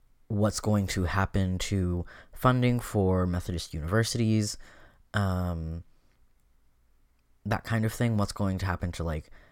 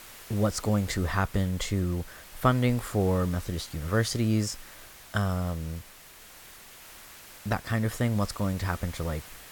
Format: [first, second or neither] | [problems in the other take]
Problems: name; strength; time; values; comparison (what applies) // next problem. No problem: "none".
first | hiss; noticeable; throughout; 15 dB below the speech